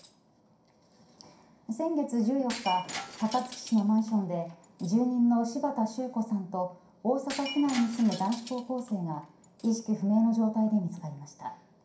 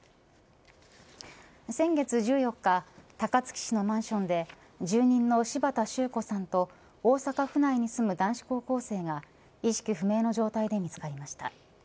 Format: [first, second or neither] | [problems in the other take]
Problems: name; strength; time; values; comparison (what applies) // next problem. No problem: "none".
second | background sound (Shatter); 17 dB below the speech // room echo; dies away in 0.5 s